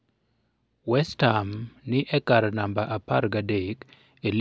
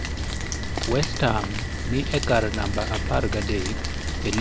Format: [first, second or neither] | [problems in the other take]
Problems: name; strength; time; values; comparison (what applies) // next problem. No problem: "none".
first | background sound (Rain); as loud as the speech